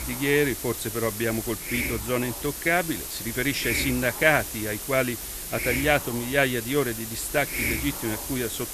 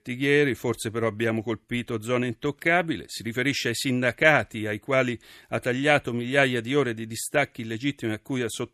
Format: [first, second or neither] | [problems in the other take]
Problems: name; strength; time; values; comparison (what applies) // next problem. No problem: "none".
second | hiss; loud; throughout; 4 dB below the speech